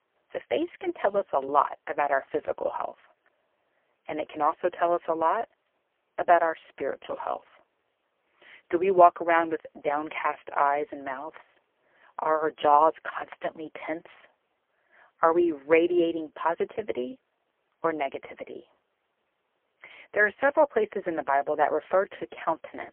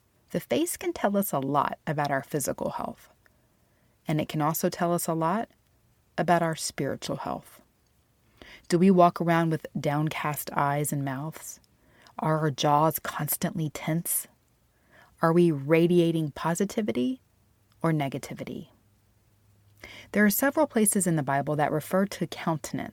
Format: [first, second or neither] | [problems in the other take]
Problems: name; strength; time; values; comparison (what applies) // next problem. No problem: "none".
second | phone-call audio; poor line; nothing above 3 kHz